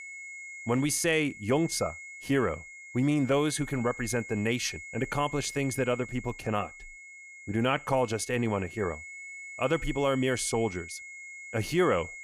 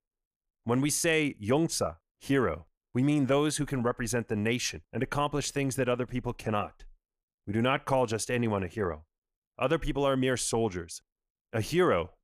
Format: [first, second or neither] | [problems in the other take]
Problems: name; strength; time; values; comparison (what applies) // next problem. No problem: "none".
second | high-pitched whine; noticeable; throughout; 2 kHz, 15 dB below the speech